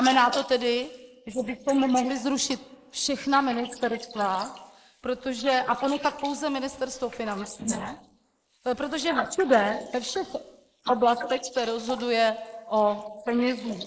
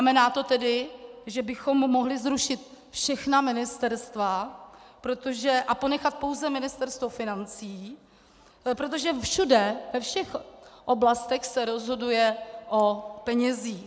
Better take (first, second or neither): second